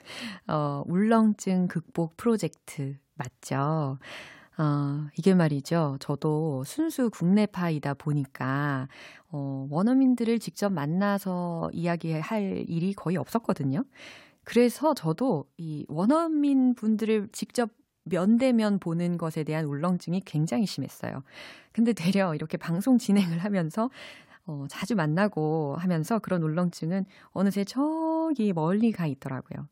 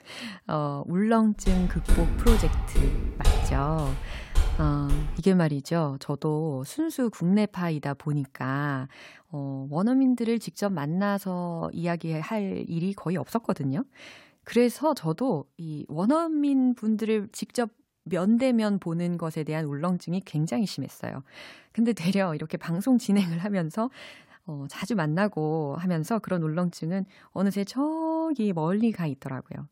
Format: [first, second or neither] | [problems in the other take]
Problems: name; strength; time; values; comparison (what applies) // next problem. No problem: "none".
first | footsteps; loud; from 1.5 to 5 s; peak 1 dB above the speech